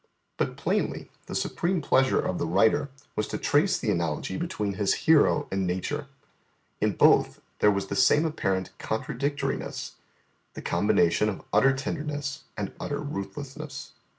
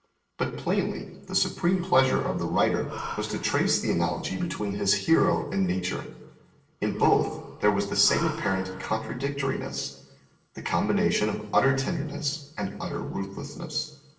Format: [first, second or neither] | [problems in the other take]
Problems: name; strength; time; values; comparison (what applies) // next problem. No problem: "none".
first | noise reduction (neural separator model SepFormer DNS4)